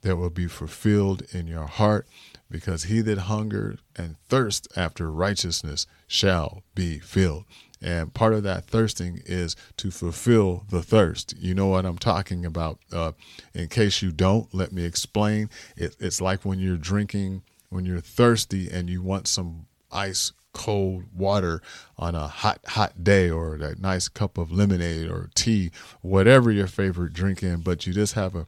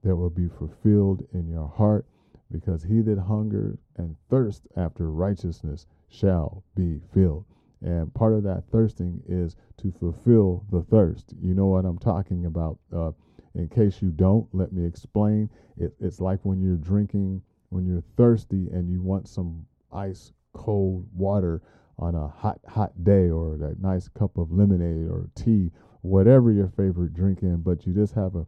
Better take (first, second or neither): first